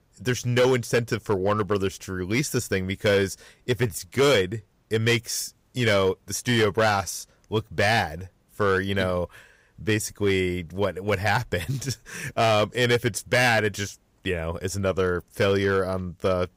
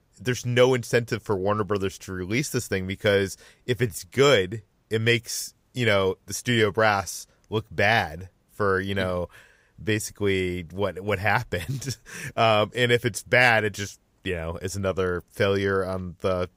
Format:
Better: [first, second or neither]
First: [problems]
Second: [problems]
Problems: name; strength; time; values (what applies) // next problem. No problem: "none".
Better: second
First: distortion; slight; 4% of the sound clipped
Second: none